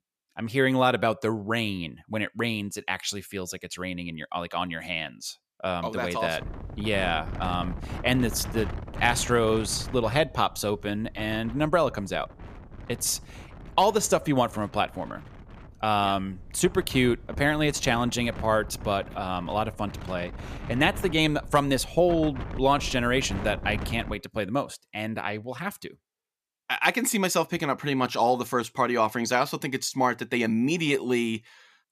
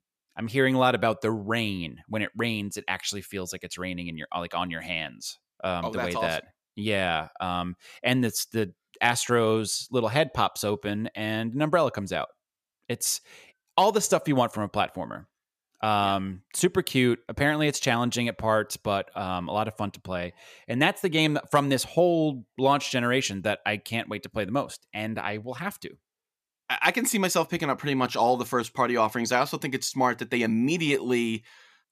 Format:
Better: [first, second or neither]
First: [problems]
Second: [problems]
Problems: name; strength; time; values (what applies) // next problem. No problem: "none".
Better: second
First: wind noise on the microphone; occasional gusts; from 6.5 to 24 s; 15 dB below the speech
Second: none